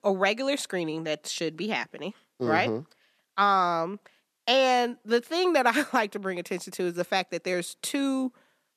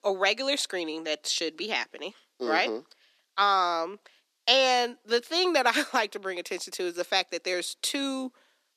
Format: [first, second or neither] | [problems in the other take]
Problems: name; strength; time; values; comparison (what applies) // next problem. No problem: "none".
first | thin; very slightly; fading below 300 Hz